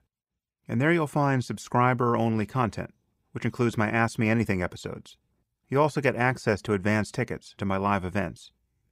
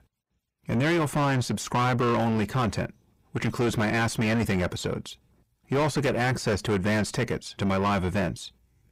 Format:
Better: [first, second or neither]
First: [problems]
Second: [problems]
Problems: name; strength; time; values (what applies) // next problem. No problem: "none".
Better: first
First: none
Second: distortion; heavy; 5 dB below the speech